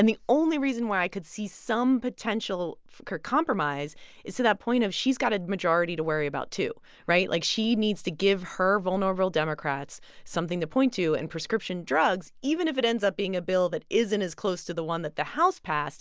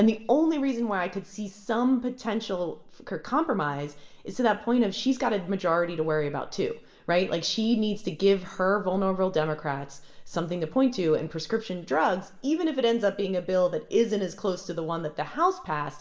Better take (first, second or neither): first